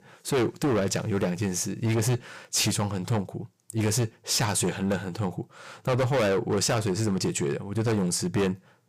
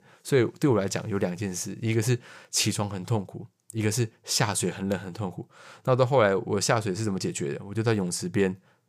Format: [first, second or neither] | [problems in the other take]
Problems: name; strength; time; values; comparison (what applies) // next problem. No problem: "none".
second | distortion; heavy; 14% of the sound clipped